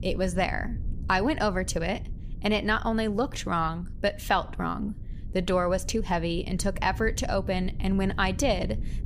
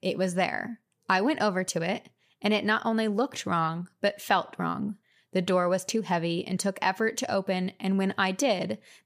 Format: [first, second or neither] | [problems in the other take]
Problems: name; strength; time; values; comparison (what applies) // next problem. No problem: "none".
second | low rumble; faint; throughout; 25 dB below the speech